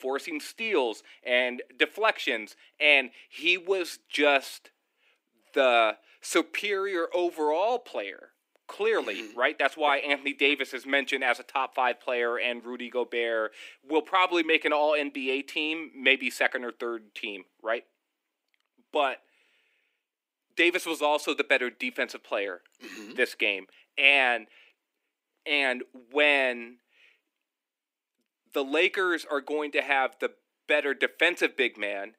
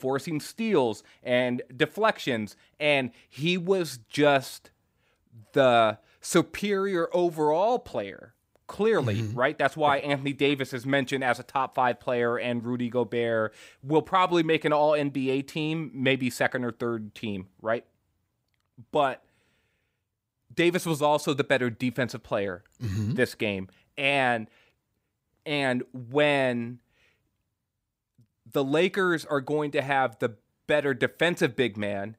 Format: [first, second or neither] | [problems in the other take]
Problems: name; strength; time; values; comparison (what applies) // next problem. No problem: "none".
second | thin; somewhat; fading below 300 Hz